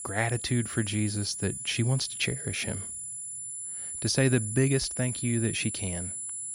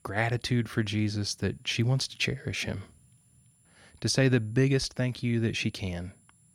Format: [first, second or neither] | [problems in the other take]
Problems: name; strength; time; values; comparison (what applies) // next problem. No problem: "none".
second | high-pitched whine; loud; throughout; 10 kHz, 5 dB below the speech; faint in the second